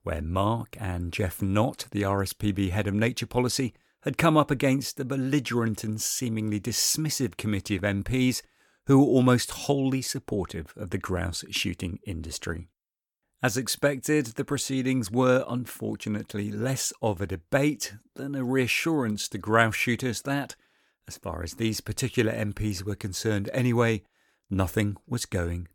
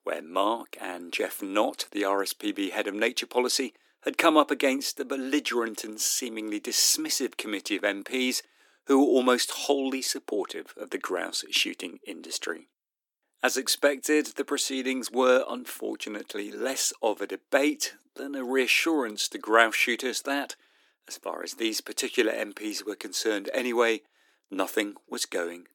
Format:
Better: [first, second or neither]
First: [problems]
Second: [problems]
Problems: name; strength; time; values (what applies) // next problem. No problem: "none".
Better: first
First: none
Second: thin; somewhat; fading below 300 Hz